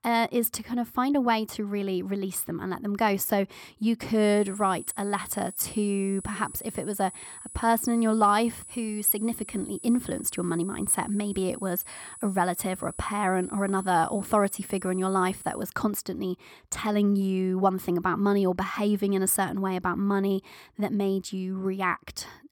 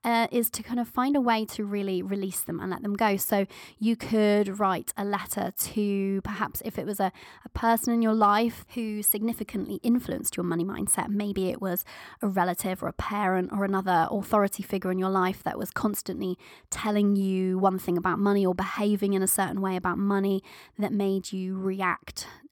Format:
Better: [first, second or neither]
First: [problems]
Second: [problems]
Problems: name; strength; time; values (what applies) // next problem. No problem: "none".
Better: second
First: high-pitched whine; noticeable; from 4 to 16 s; 10.5 kHz, 15 dB below the speech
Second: none